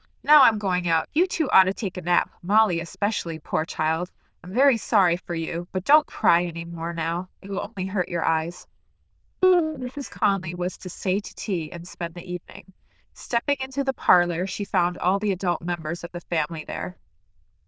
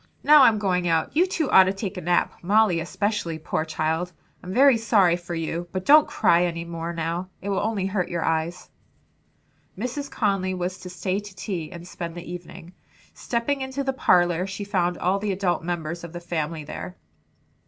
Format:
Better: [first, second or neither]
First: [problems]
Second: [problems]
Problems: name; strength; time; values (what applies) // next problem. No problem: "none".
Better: second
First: noise reduction (neural diffusion model UNIVERSE++)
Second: none